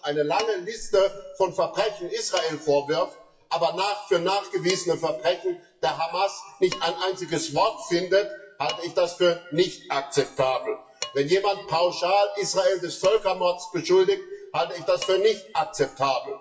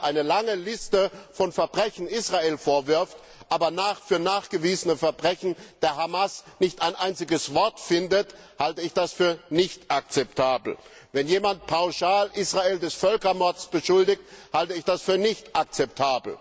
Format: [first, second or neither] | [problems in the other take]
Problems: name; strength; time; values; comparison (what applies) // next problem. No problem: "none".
second | noise reduction (classical method WPE with log-MMSE)